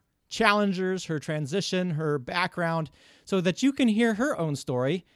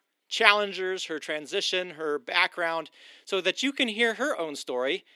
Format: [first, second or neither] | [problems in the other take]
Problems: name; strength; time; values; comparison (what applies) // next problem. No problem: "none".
first | thin; somewhat; fading below 300 Hz